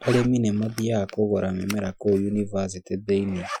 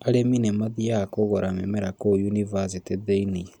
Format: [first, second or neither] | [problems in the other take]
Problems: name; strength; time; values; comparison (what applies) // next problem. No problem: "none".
second | noise reduction (classical method Wiener filter)